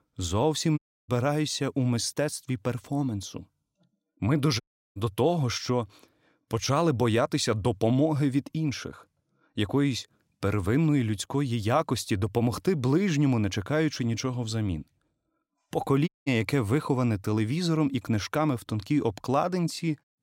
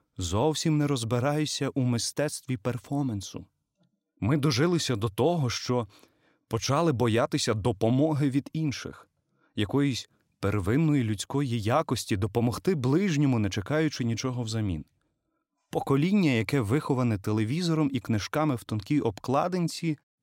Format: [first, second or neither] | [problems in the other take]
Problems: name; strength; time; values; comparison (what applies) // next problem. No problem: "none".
second | audio cutting out; at 1 s, at 4.5 s and at 16 s